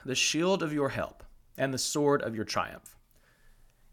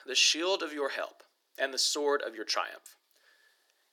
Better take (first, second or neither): first